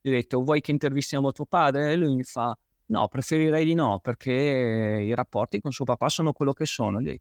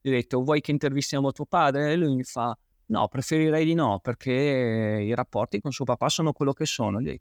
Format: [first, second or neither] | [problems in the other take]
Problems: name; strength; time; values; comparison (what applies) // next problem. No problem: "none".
second | garbled, watery; slightly